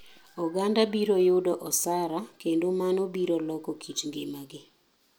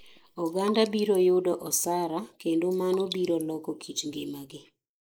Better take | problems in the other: first | noise reduction (neural mask model Resemble Enhance denoiser)

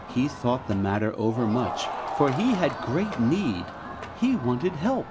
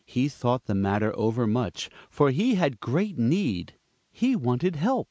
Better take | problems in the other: second | background sound (Crowd); 9 dB below the speech // room echo; dies away in 0.4 s

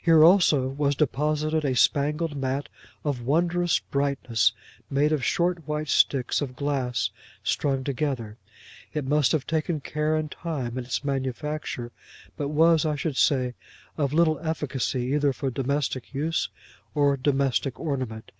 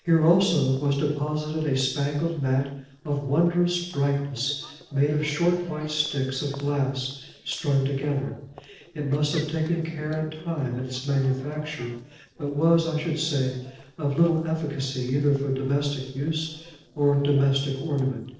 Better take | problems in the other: first | noise reduction (neural separator model SepFormer DNS4)

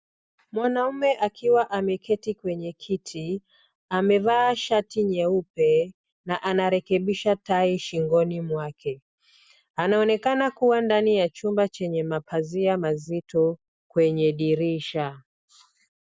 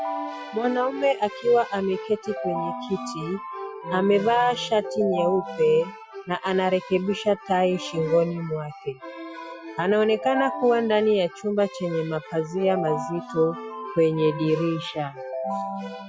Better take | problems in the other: first | noise reduction (classical method Wiener filter)

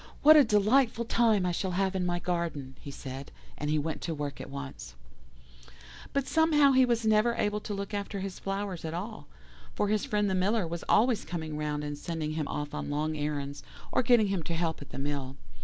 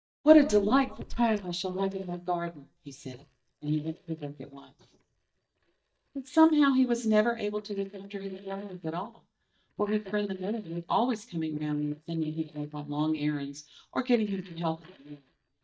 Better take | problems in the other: first | noise reduction (neural mask model DeepFilterNet 3)

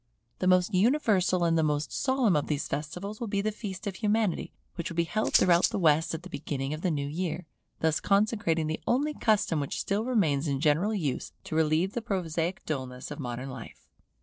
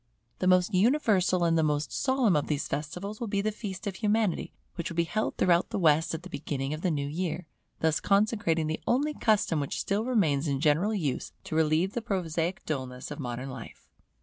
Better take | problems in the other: second | noise reduction (neural separator model SepFormer DNS4)

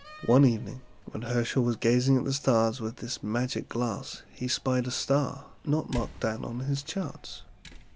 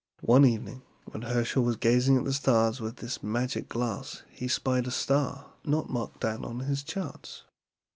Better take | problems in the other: second | background sound (Slam); 19 dB below the speech

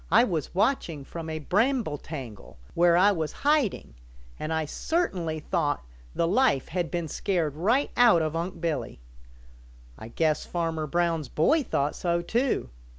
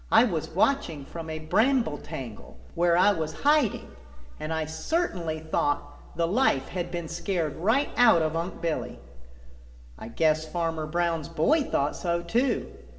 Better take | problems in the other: first | room echo; dies away in 2.6 s

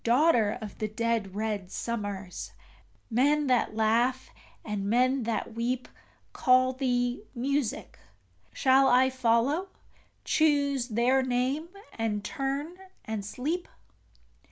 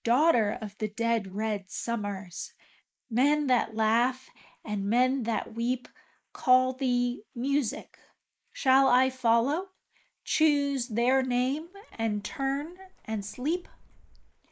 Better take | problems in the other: first | noise reduction (neural mask model Resemble Enhance denoiser)

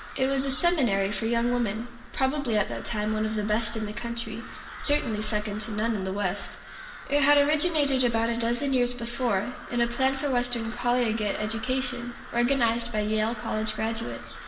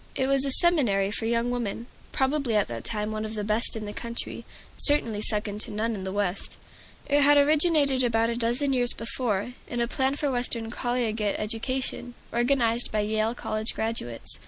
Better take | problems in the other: second | background sound (Crow); 16 dB below the speech // room echo; dies away in 0.9 s

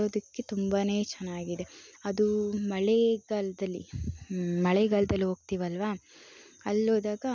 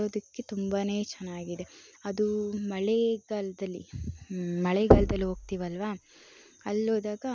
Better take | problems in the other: first | background sound (Knock); 3 dB above the speech

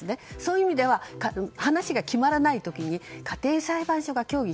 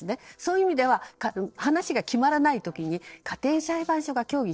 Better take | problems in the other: first | noise reduction (neural separator model SepFormer DNS4)

